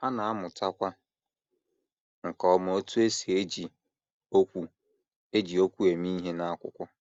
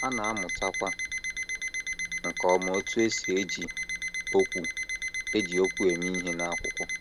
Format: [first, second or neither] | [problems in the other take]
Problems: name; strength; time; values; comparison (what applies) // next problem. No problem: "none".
first | background sound (Alarm); 3 dB below the speech